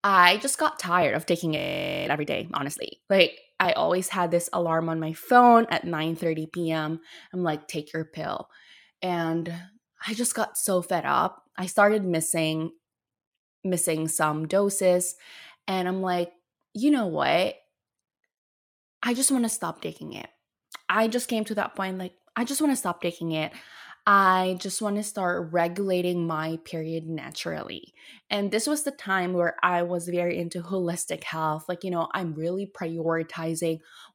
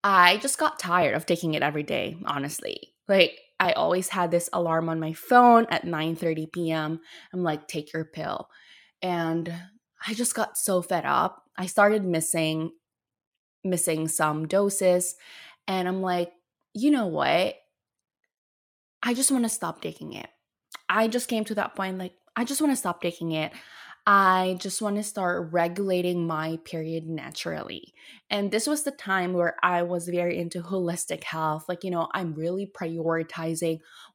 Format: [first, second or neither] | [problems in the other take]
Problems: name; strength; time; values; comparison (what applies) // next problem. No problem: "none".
second | audio freezing; at 1.5 s